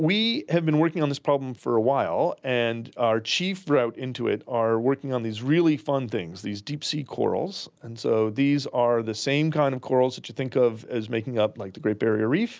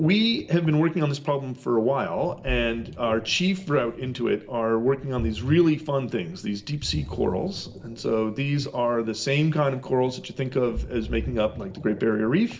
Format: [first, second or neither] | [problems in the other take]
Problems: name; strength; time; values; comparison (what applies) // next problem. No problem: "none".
first | background sound (Ocean); 14 dB below the speech // room echo; dies away in 0.6 s